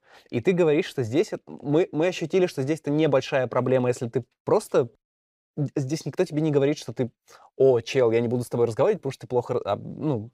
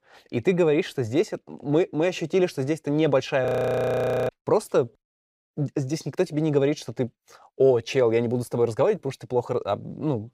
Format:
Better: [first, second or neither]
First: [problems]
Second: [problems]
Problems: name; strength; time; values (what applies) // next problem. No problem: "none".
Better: first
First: none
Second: audio freezing; at 3.5 s for 1 s